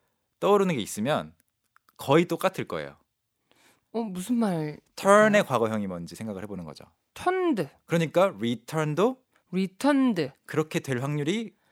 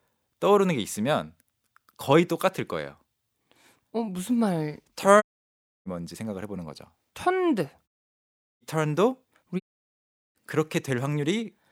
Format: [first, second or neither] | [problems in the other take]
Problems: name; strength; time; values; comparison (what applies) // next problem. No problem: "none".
first | audio cutting out; at 5 s for 0.5 s, at 8 s for 0.5 s and at 9.5 s for 1 s